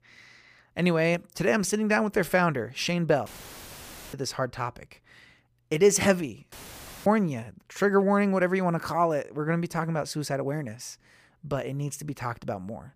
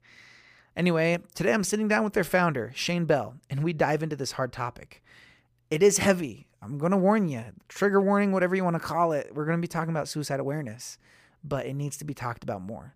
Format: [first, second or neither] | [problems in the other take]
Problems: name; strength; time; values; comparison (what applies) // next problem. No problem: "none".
second | audio cutting out; filled with static; at 3.5 s for 1 s and at 6.5 s for 0.5 s